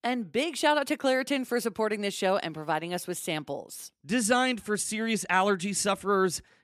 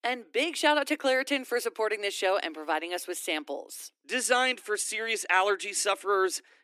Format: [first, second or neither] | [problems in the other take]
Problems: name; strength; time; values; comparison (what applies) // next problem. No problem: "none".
first | thin; somewhat; fading below 300 Hz